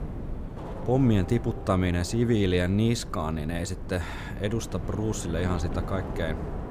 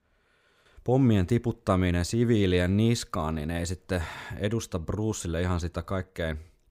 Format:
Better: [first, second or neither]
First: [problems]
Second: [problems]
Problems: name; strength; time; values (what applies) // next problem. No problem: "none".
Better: second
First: wind noise on the microphone; occasional gusts; 10 dB below the speech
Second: none